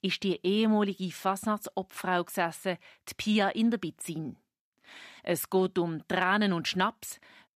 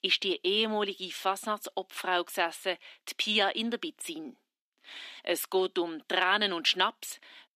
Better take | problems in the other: first | thin; somewhat; fading below 250 Hz

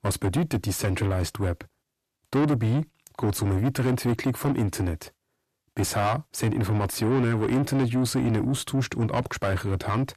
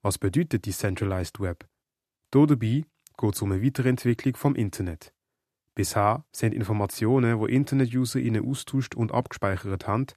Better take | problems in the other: second | distortion; heavy; 7 dB below the speech

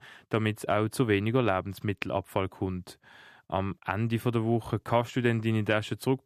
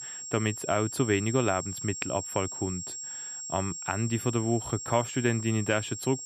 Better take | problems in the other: first | high-pitched whine; loud; throughout; 7.5 kHz, 6 dB below the speech

